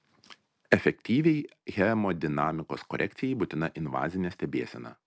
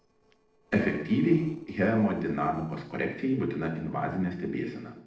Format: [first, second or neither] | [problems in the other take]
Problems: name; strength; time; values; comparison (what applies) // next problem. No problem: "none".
first | noise reduction (neural separator model SepFormer DNS4)